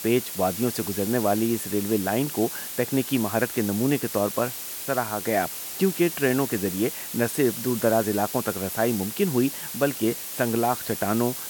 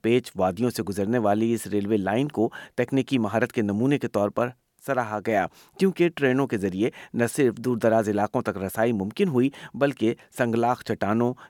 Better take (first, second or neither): second